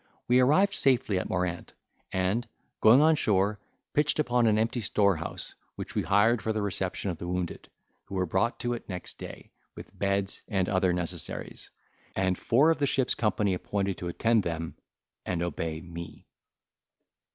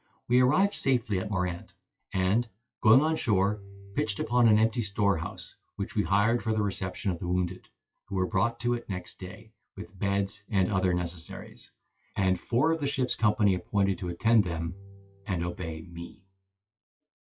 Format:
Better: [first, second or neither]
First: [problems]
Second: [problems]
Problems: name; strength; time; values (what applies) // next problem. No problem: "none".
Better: first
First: none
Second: noise reduction (classical method WPE with log-MMSE)